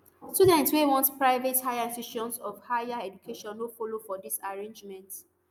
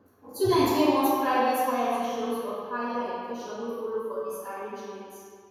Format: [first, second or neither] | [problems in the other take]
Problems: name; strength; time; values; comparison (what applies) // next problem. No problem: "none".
first | room echo; dies away in 1.9 s